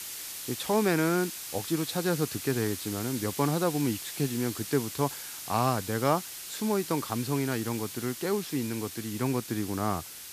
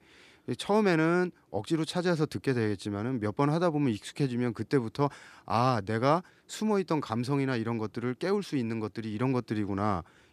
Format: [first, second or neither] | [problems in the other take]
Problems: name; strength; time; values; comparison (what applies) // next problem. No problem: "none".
second | hiss; loud; throughout; 7 dB below the speech